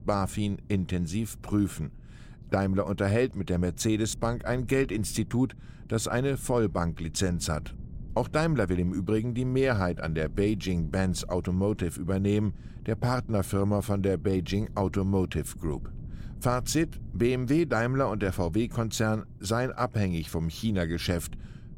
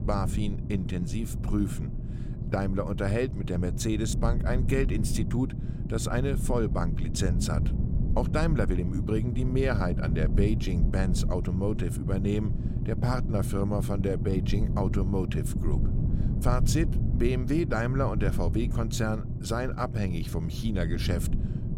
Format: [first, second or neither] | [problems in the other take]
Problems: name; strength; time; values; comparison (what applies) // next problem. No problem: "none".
first | low rumble; loud; throughout; 8 dB below the speech; faint in the first